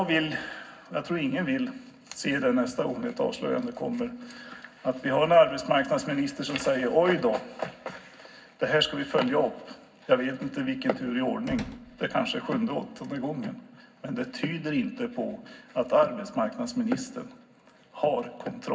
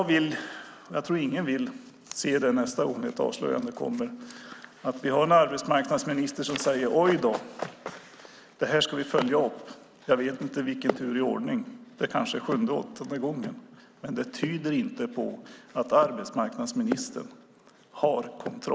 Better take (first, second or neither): second